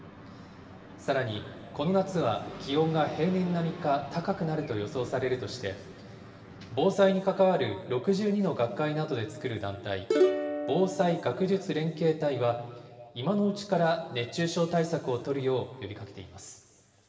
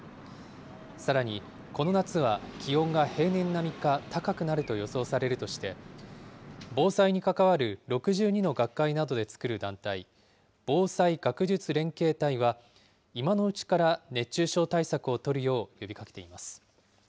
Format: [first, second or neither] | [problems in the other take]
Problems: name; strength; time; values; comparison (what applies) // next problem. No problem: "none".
second | background sound (Plucked string instrument); as loud as the speech // room echo; dies away in 2.3 s